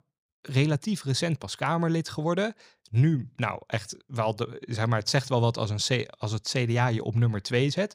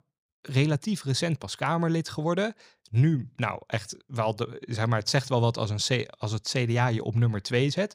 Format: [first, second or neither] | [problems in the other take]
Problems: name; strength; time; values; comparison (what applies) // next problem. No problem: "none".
neither | none